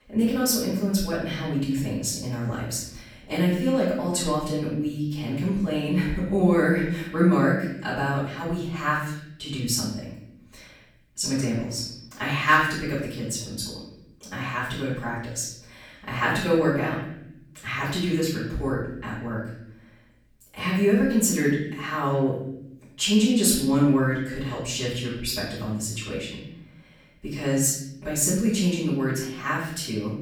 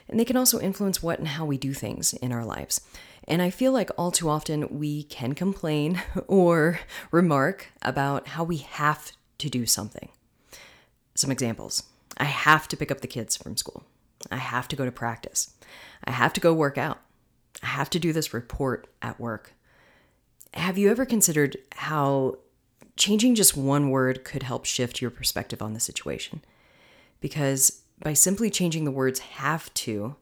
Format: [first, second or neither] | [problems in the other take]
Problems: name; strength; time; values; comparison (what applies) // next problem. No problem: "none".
second | off-mic speech; far // room echo; noticeable; dies away in 0.9 s